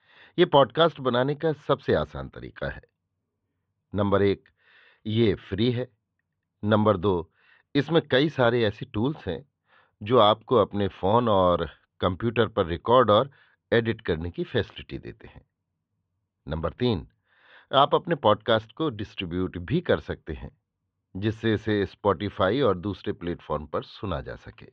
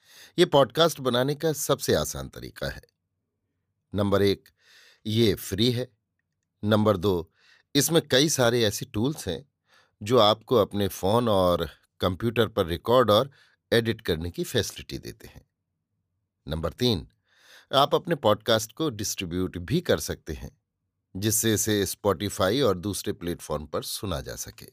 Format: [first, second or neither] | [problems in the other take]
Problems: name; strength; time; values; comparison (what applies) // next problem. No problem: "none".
second | muffled; very; fading above 3 kHz